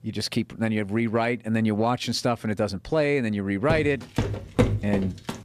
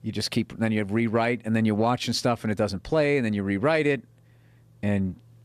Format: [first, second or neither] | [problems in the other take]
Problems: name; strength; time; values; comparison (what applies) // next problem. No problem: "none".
second | footsteps; loud; from 3.5 s on; peak 1 dB above the speech